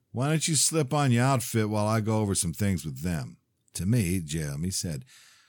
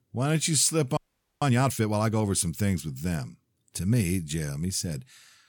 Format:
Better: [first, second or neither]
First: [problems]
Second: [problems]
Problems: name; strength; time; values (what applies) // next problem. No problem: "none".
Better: first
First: none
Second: audio freezing; at 1 s